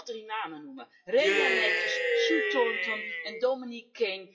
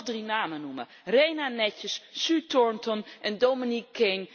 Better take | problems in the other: second | noise reduction (classical method WPE with log-MMSE)

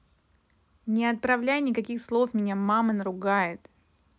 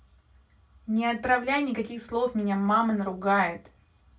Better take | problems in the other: first | room echo; dies away in 0.2 s

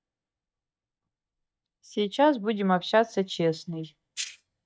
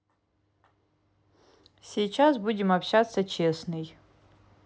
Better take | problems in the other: second | noise reduction (neural mask model DeepFilterNet 3)

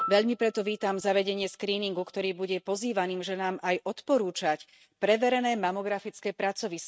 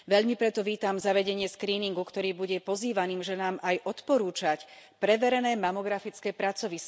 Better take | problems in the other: second | noise reduction (neural mask model RNNoise)

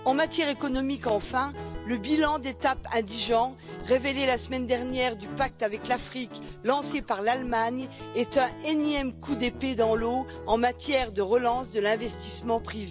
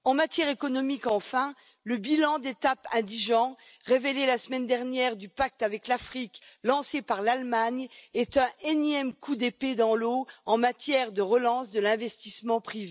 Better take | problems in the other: second | background sound (Guitar); 12 dB below the speech

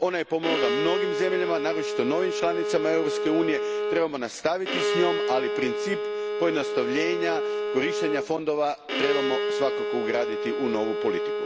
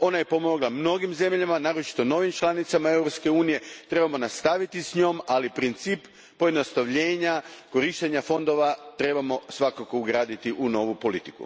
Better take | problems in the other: second | background sound (Bowed string instrument); as loud as the speech

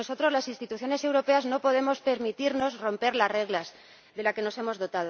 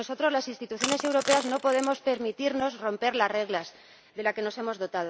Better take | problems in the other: first | background sound (Crushing); 7 dB below the speech

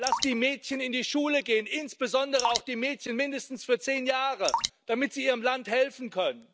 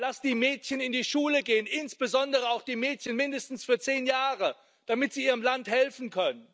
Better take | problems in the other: second | background sound (Drip); 8 dB below the speech

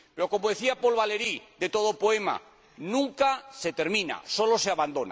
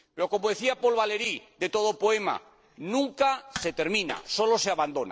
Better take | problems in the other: first | noise reduction (neural separator model SepFormer DNS4)

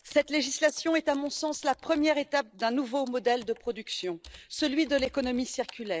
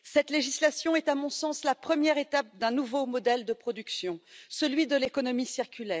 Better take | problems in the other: second | noise reduction (neural mask model Resemble Enhance denoiser)

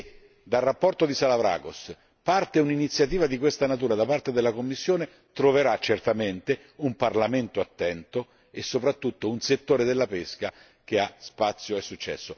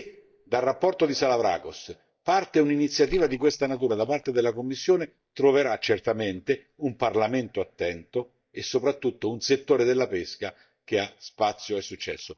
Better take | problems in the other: first | noise reduction (neural mask model DeepFilterNet 3)

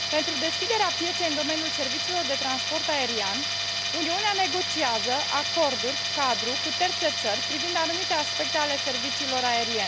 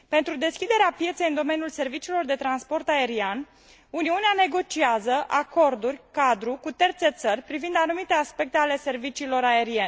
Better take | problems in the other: second | background sound (Tools); 1 dB above the speech

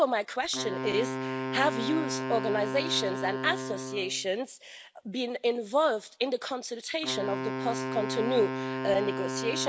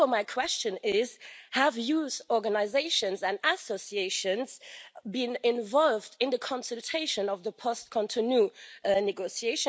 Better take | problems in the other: second | background sound (Wind instrument, woodwind instrument); 5 dB below the speech

